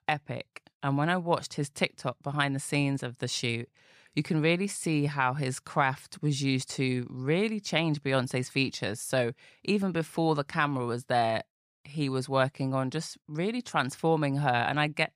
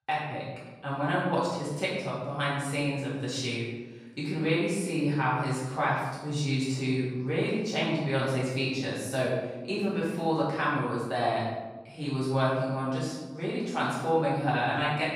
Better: first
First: none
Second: room echo; noticeable; dies away in 1 s // off-mic speech; far

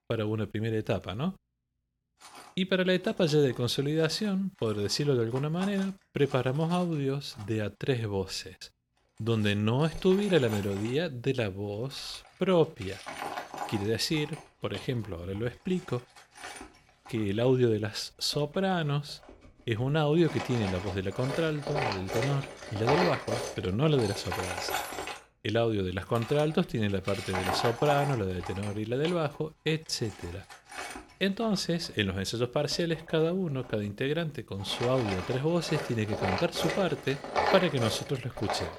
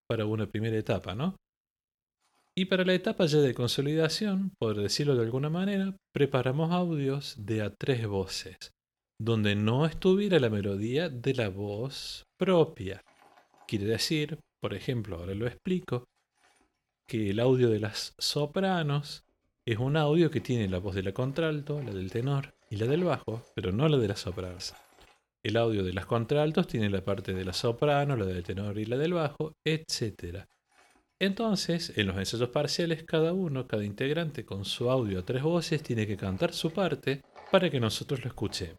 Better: second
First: machinery noise; loud; throughout; 7 dB below the speech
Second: machinery noise; faint; throughout; 30 dB below the speech

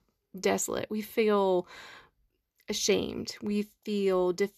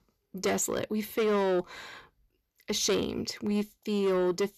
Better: first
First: none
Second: distortion; slight; 10 dB below the speech

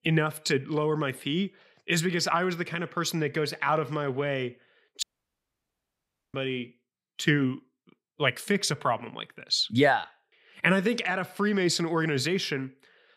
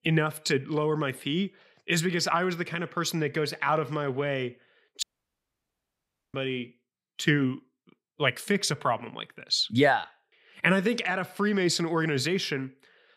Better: neither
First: audio cutting out; at 5 s for 1.5 s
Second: audio cutting out; at 5 s for 1.5 s

